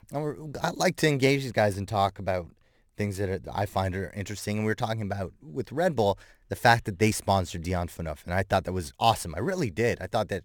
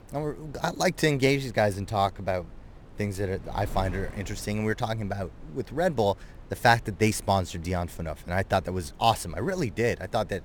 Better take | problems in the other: first | wind noise on the microphone; occasional gusts; 25 dB below the speech

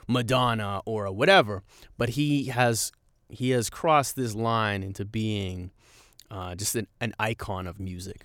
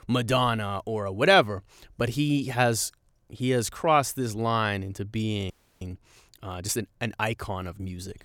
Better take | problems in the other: first | audio freezing; at 5.5 s

